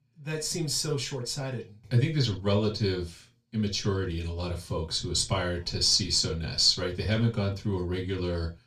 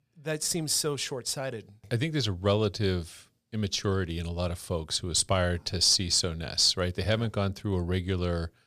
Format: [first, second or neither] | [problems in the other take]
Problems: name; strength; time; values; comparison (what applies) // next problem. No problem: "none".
second | room echo; slight; dies away in 0.2 s // off-mic speech; far